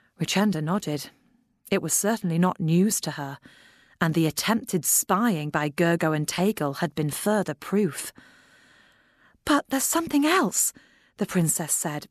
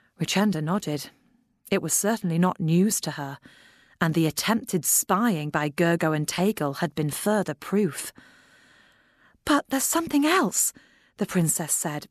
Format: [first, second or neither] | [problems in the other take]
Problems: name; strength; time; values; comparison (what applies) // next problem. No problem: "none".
neither | none